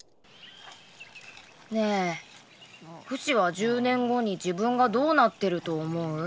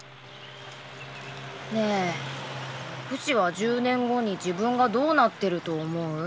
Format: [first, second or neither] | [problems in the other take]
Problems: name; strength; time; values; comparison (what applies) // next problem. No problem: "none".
first | background sound (Car passing by); 13 dB below the speech